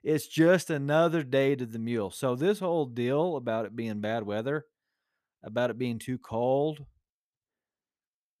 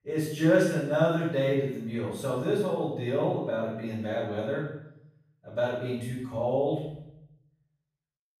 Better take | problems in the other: first | off-mic speech; far // room echo; strong; dies away in 0.7 s

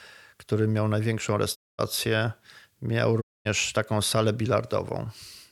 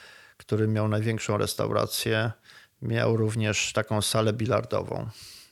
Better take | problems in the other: second | audio cutting out; at 1.5 s and at 3 s

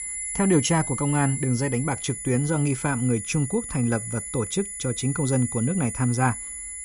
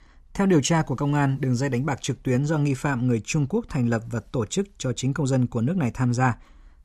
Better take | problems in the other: second | high-pitched whine; loud; throughout; 10 kHz, 6 dB below the speech

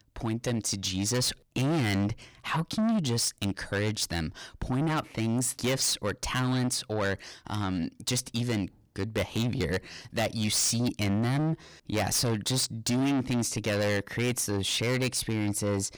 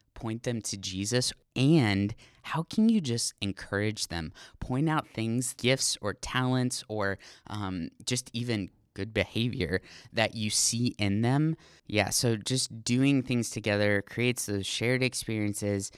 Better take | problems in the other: second | distortion; heavy; 6 dB below the speech

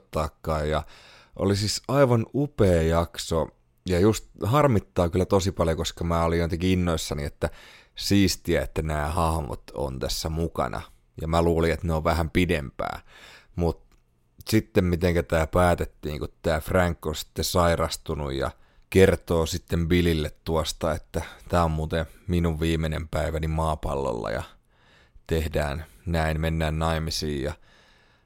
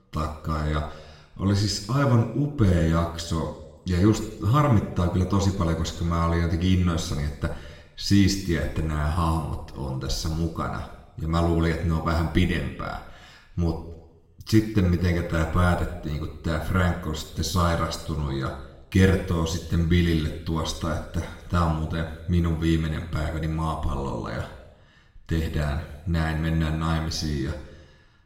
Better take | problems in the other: first | room echo; noticeable; dies away in 0.8 s // off-mic speech; somewhat distant

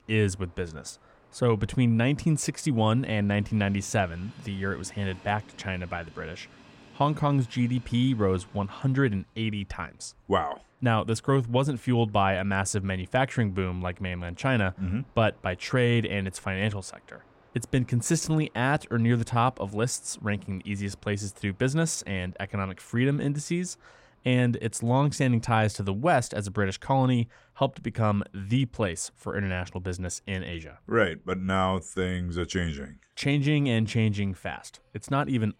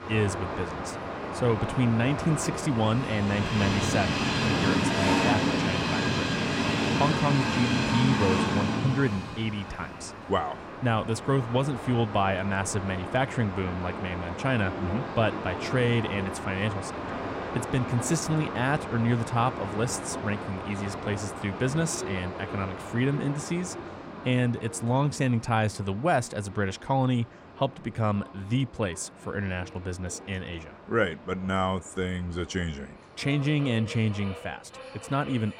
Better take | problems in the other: first | train or aircraft noise; loud; throughout; 2 dB below the speech; faint in the first

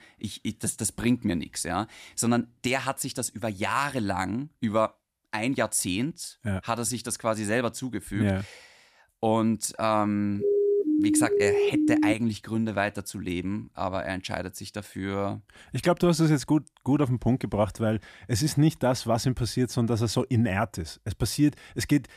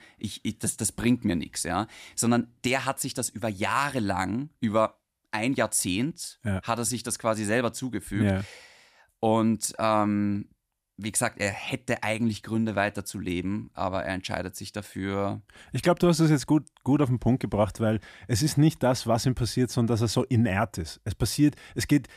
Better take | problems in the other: second | siren; loud; from 10 to 12 s; peak 4 dB above the speech

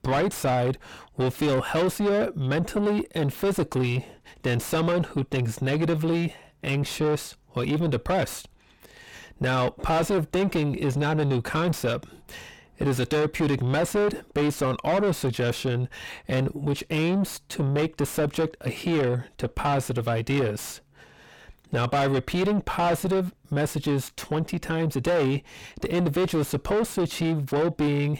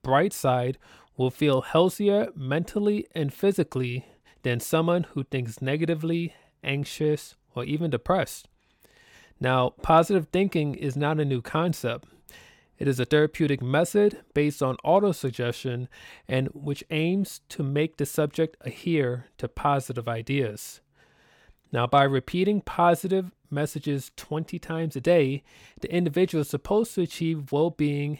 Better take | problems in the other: second | distortion; heavy; 5 dB below the speech

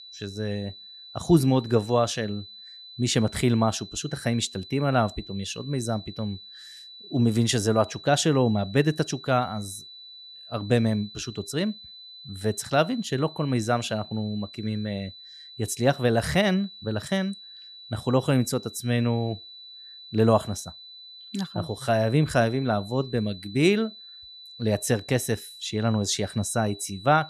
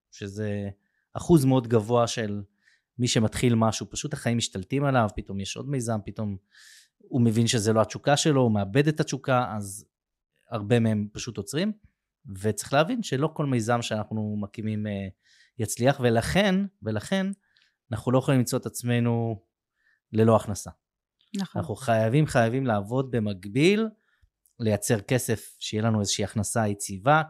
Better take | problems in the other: second | high-pitched whine; noticeable; throughout; 4 kHz, 15 dB below the speech

